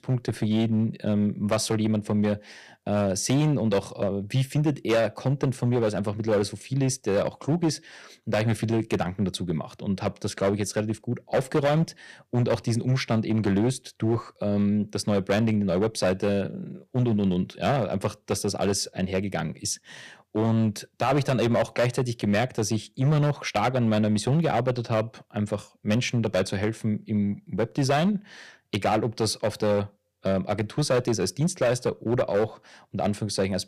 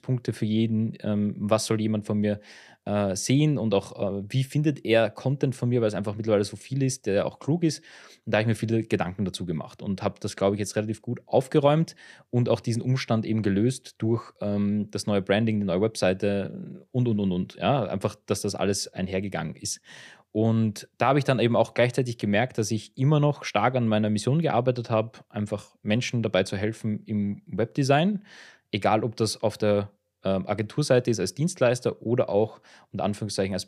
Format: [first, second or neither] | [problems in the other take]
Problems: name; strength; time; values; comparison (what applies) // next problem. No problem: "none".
second | distortion; slight; 7% of the sound clipped